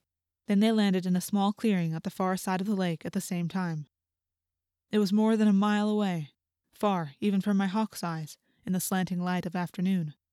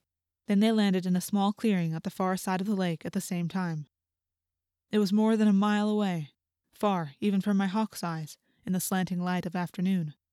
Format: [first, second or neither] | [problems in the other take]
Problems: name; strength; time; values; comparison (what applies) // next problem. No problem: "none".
neither | none